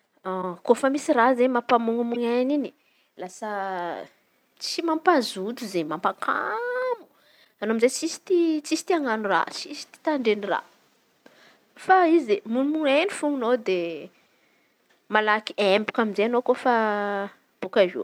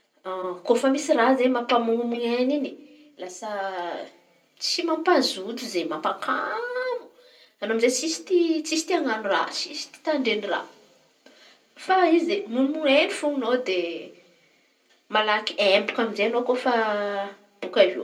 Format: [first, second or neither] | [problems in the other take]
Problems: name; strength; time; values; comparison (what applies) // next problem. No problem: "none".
first | room echo; dies away in 0.2 s